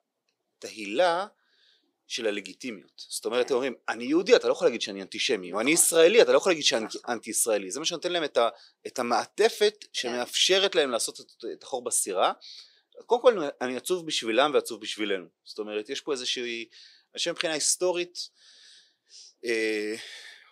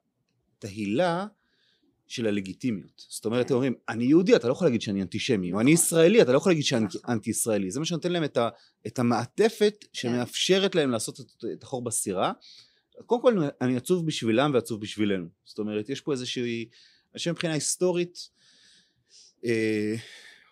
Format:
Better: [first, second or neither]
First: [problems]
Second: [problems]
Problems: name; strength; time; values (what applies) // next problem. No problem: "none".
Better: second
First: thin; somewhat; fading below 550 Hz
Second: none